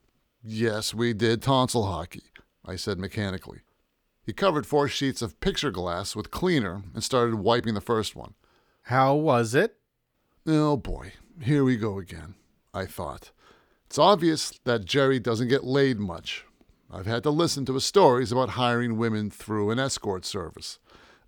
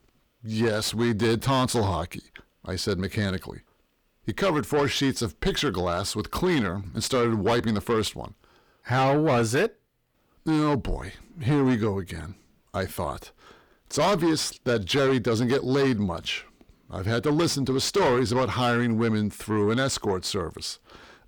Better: first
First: none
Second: distortion; heavy; 7 dB below the speech

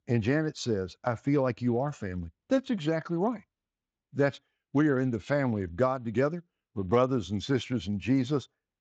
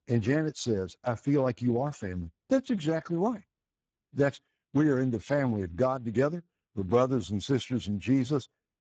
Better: first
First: garbled, watery; slightly; nothing above 7.5 kHz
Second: garbled, watery; badly; nothing above 7.5 kHz

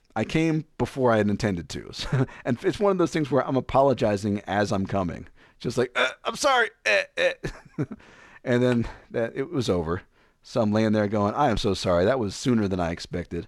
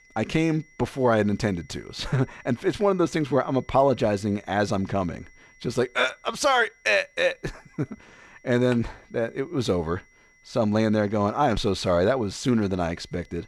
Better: first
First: none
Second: high-pitched whine; faint; throughout; 2 kHz, 30 dB below the speech

